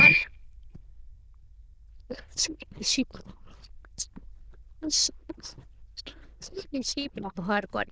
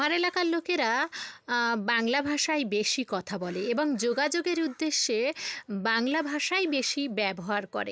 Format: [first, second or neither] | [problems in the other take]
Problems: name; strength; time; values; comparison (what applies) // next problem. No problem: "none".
second | noise reduction (neural diffusion model UNIVERSE++)